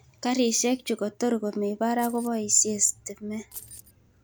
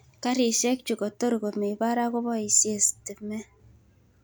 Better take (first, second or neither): second